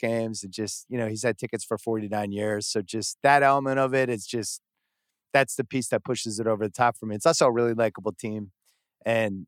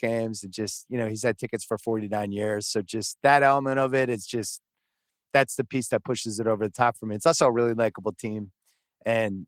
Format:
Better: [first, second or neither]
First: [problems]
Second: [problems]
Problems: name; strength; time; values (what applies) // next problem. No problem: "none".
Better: first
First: none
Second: garbled, watery; slightly; nothing above 19 kHz